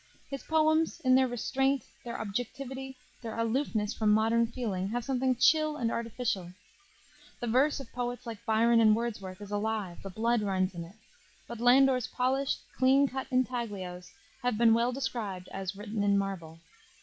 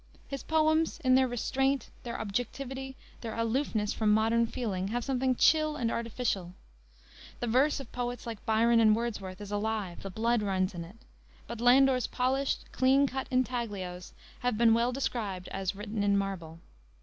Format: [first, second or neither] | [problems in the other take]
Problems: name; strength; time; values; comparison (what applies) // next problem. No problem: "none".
second | noise reduction (classical method log-MMSE)